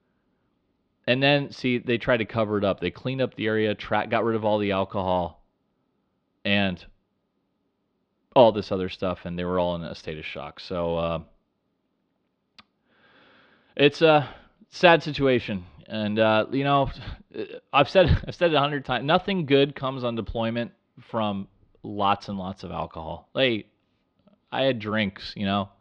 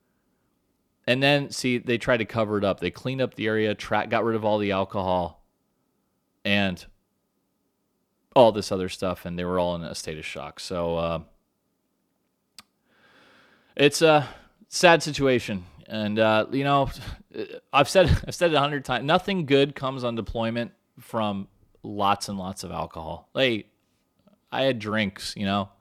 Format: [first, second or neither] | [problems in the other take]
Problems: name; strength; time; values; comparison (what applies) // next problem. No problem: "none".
second | muffled; very slightly; fading above 4 kHz